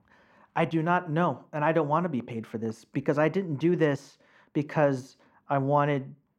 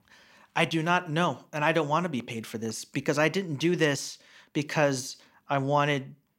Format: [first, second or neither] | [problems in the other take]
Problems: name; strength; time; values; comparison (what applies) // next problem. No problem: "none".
second | muffled; very; fading above 2.5 kHz